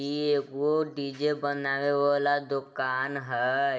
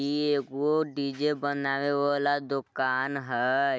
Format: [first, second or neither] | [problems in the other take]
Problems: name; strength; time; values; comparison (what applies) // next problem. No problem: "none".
second | room echo; dies away in 1.1 s